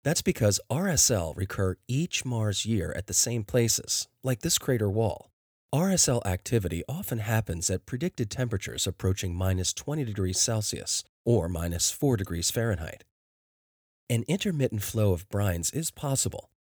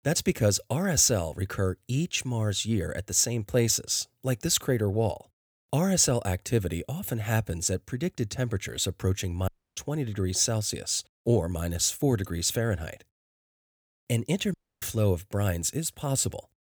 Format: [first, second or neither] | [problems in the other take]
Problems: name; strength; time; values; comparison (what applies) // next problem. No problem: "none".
first | audio cutting out; at 9.5 s and at 15 s